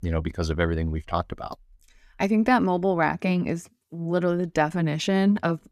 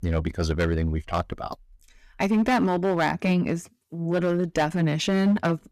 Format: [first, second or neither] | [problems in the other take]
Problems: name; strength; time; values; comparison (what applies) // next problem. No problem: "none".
first | distortion; slight; 6% of the sound clipped